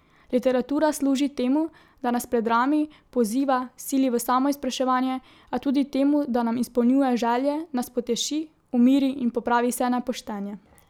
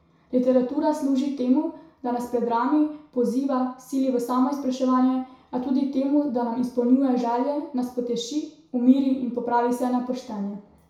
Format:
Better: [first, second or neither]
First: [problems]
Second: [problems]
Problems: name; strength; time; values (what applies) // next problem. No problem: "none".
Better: first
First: none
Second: room echo; dies away in 0.6 s